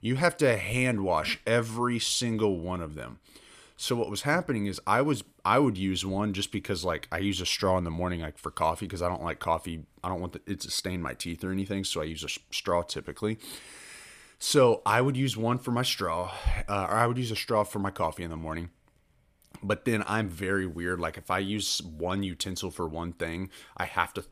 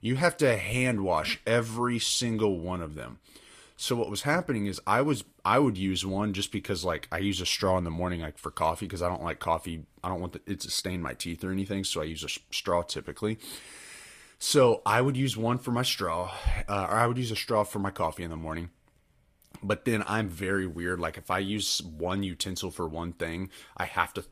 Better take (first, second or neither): first